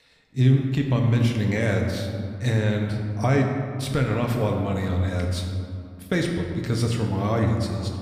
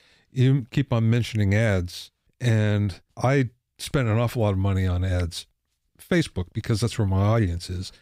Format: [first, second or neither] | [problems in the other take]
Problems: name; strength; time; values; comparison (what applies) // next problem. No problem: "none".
second | room echo; noticeable; dies away in 2 s